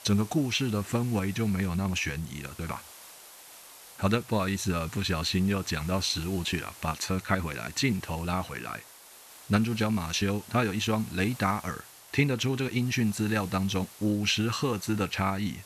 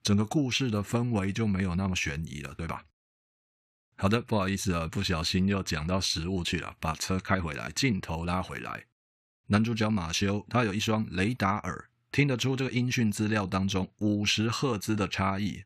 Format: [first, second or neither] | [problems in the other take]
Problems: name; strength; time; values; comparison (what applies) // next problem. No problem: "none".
second | hiss; noticeable; throughout; 20 dB below the speech